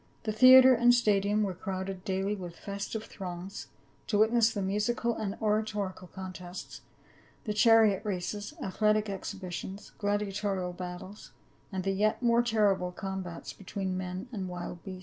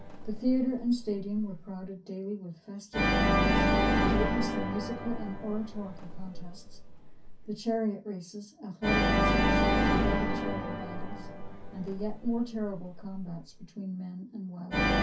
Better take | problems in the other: first | background sound (Organ); 5 dB above the speech // room echo; dies away in 0.3 s

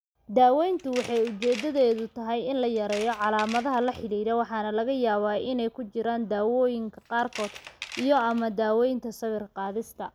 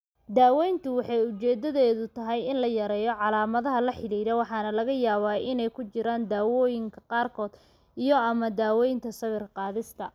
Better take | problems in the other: second | background sound (Tools); 17 dB below the speech

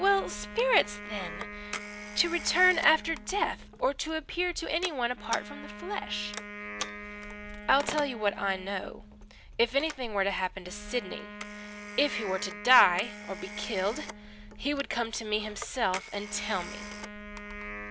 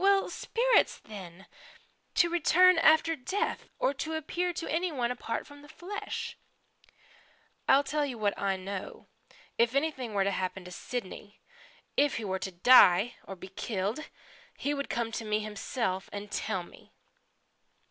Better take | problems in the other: second | background sound (Telephone + Wind instrument, woodwind instrument); 11 dB below the speech

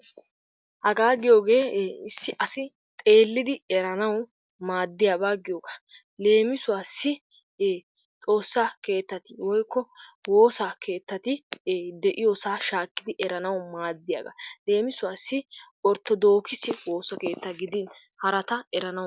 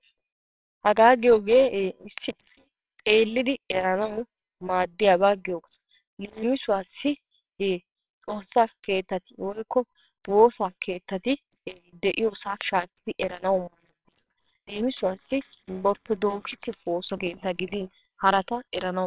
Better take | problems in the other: first | noise reduction (neural separator model SepFormer WHAMR!)

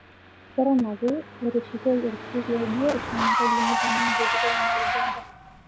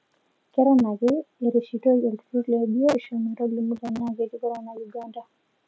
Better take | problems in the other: second | background sound (Engine / Car); as loud as the speech

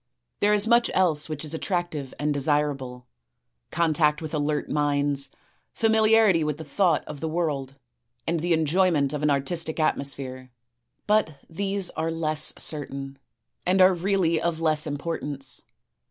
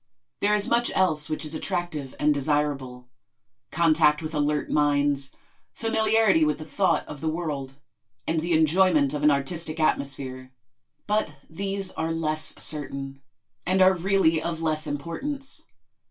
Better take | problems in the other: first | room echo; dies away in 0.2 s

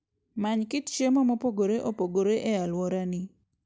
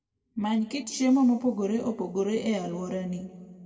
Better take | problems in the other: first | room echo; dies away in 1.4 s

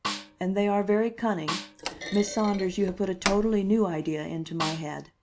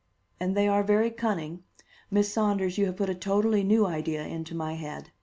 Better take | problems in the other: second | background sound (Thump, thud + Snare drum); 8 dB below the speech

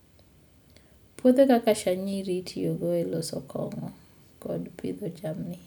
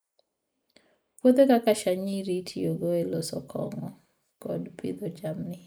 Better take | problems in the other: first | noise reduction (neural mask model Resemble Enhance denoiser)

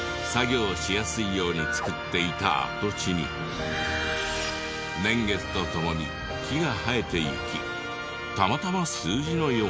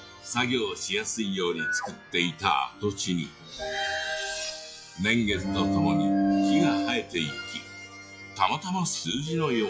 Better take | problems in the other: first | noise reduction (classical method log-MMSE)

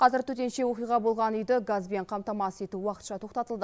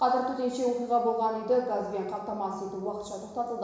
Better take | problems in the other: first | room echo; dies away in 1 s

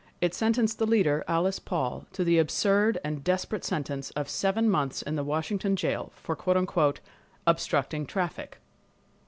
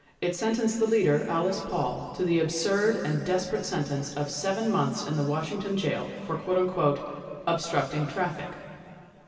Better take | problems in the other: first | room echo; dies away in 2.5 s

